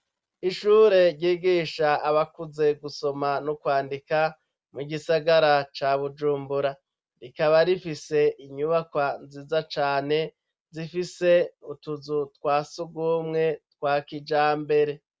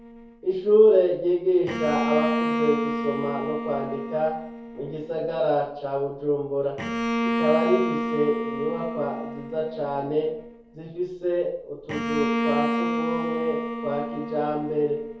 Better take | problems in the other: first | background sound (Bowed string instrument); 4 dB below the speech // room echo; dies away in 2.2 s

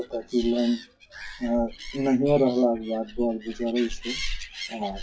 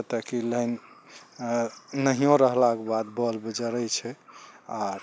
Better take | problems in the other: second | noise reduction (classical method WPE with log-MMSE)

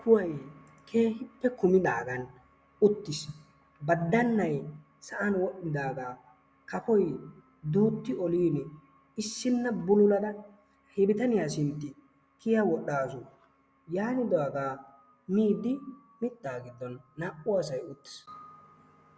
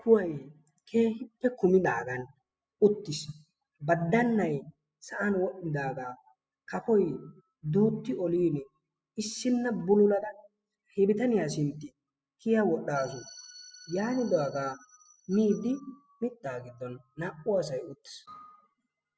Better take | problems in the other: first | noise reduction (classical method spectral subtraction)

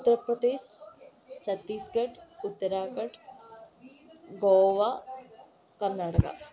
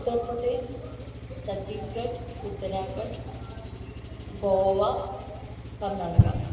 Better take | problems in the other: first | background sound (Engine); 10 dB below the speech // room echo; dies away in 1.3 s

